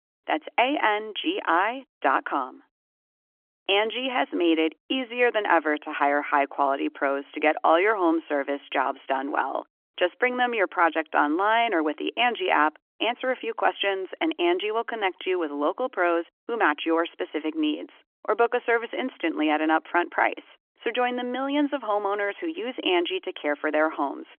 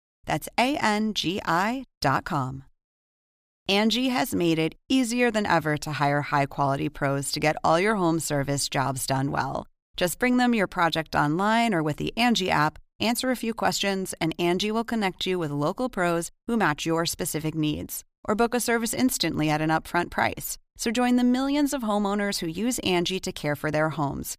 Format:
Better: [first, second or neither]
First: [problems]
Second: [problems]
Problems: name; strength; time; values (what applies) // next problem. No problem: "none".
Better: second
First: phone-call audio; nothing above 3.5 kHz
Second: none